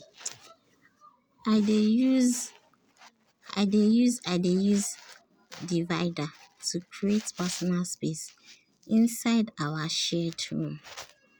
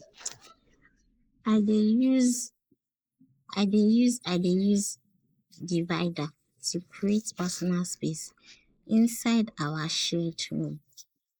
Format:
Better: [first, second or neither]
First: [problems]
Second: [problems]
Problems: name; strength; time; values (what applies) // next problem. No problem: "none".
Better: first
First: none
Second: noise reduction (neural mask model Resemble Enhance denoiser)